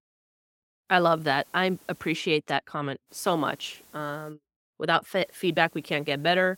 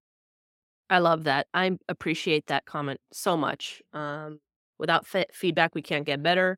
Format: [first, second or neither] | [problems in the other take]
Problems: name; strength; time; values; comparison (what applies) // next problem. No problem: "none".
second | hiss; faint; from 1 to 2 s, from 3 to 4.5 s and from 5 s on; 30 dB below the speech